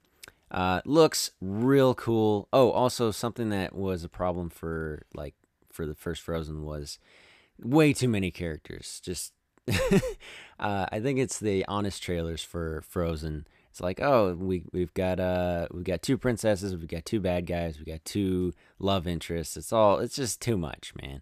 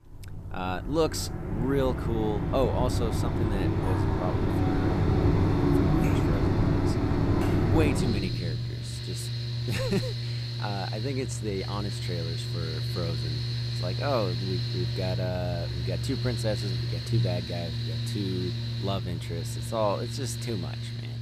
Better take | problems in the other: first | machinery noise; very loud; throughout; 4 dB above the speech

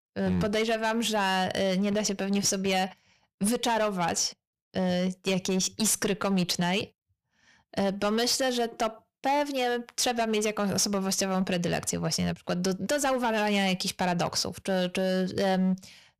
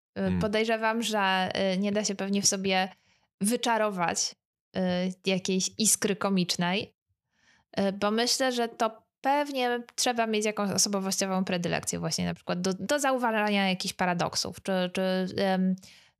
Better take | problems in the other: second | distortion; slight; 11% of the sound clipped

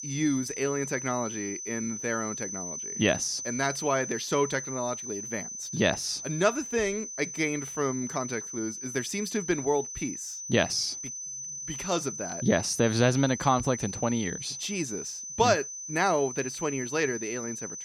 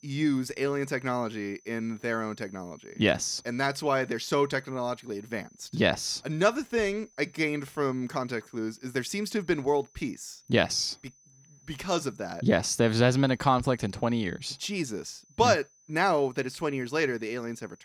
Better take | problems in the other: second | high-pitched whine; loud; throughout; 6 kHz, 6 dB below the speech; faint in the second

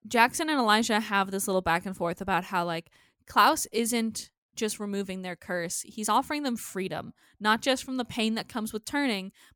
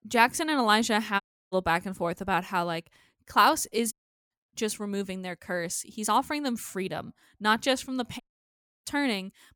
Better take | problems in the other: first | audio cutting out; at 1 s, at 4 s and at 8 s for 0.5 s

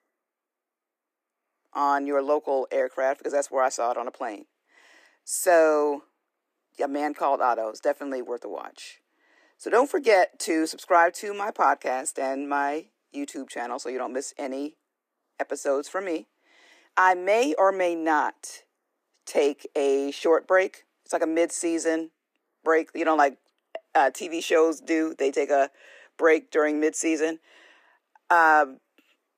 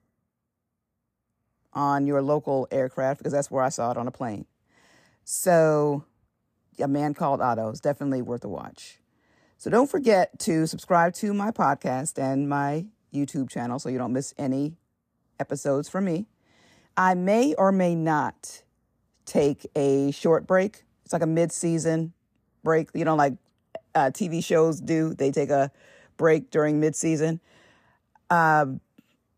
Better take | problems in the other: second | thin; somewhat; fading below 300 Hz

